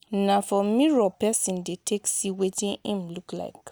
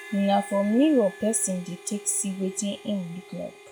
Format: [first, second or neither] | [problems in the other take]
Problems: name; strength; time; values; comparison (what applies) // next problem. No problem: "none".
first | noise reduction (classical method log-MMSE)